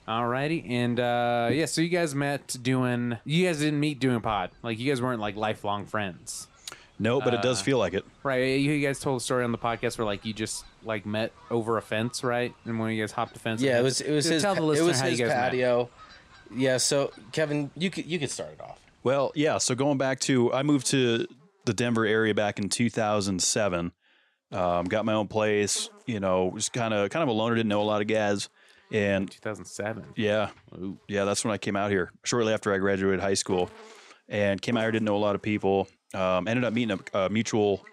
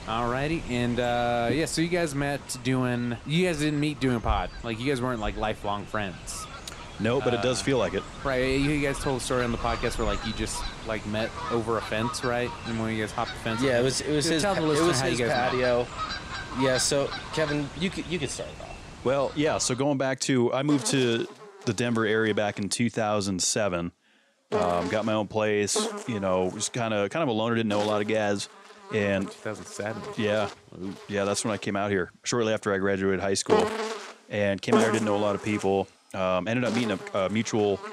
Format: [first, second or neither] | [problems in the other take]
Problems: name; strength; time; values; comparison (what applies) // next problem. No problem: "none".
first | animal sounds; loud; throughout; 9 dB below the speech; faint in the first